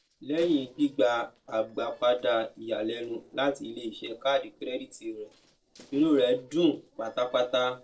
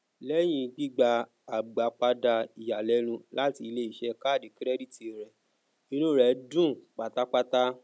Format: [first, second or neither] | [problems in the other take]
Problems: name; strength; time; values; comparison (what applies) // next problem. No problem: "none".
second | noise reduction (neural separator model SepFormer DNS4)